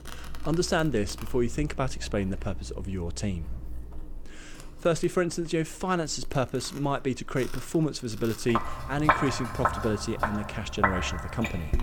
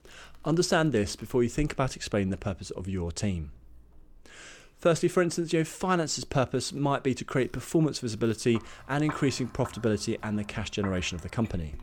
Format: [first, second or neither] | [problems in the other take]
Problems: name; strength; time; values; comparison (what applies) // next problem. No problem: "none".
second | household noises; loud; throughout; 4 dB below the speech; faint in the second